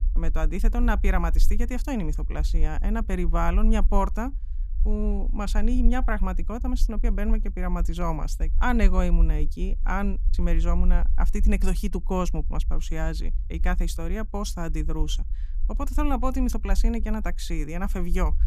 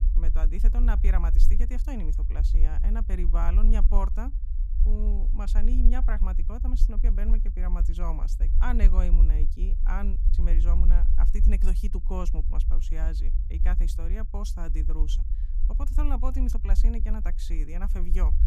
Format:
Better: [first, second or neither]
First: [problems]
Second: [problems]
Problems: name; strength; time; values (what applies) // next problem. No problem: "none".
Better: first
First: low rumble; faint; throughout; 20 dB below the speech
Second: low rumble; loud; throughout; 9 dB below the speech